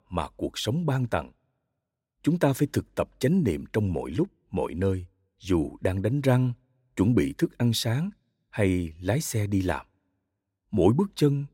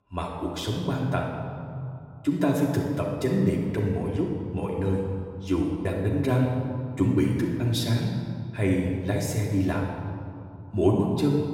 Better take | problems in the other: first | off-mic speech; far // room echo; noticeable; dies away in 2.1 s

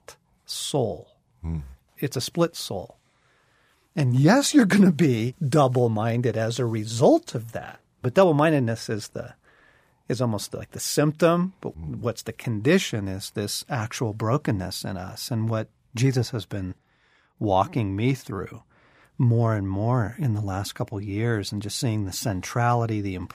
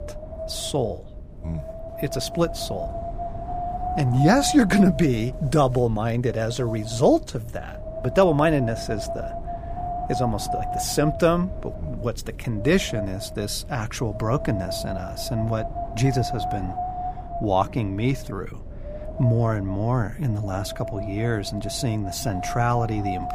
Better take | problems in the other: first | wind noise on the microphone; heavy; 6 dB below the speech

